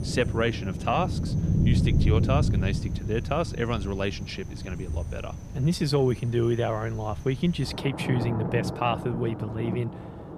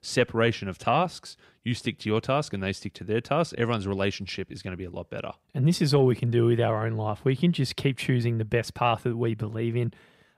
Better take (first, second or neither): second